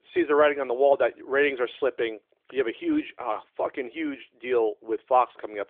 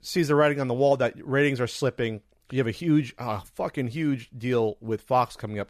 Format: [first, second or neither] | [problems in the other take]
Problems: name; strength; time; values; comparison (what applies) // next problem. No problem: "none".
second | phone-call audio; nothing above 3.5 kHz